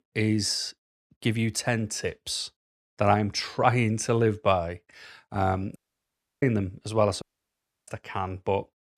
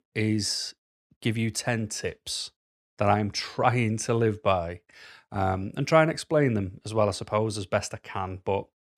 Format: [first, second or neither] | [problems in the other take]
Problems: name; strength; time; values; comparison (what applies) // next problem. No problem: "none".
second | audio cutting out; at 6 s for 0.5 s and at 7 s for 0.5 s